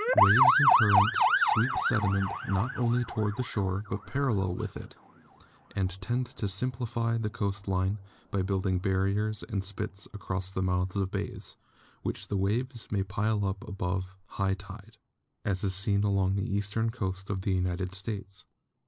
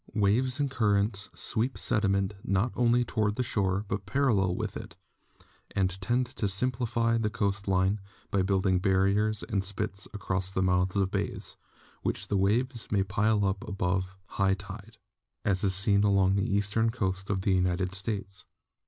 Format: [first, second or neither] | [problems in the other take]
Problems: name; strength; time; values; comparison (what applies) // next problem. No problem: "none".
second | noise reduction (neural mask model Resemble Enhance denoiser)